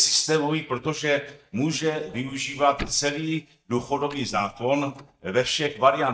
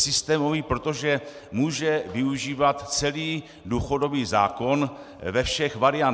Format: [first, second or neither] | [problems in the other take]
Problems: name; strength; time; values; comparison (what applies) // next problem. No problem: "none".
second | noise reduction (neural mask model DeepFilterNet 3)